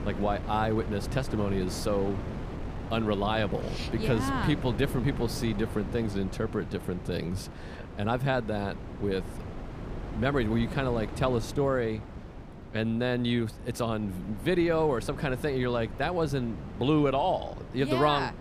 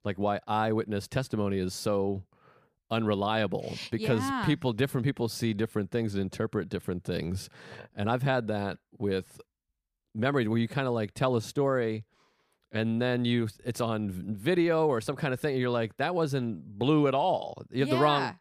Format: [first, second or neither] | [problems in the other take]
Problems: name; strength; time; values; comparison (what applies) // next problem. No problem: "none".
second | wind noise on the microphone; occasional gusts; 15 dB below the speech